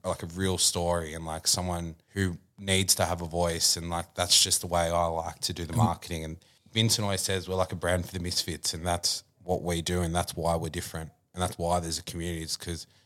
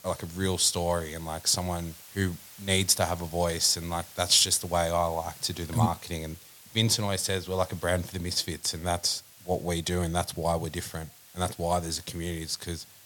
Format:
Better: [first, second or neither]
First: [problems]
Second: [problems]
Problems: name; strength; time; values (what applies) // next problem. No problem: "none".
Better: first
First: none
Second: hiss; noticeable; throughout; 20 dB below the speech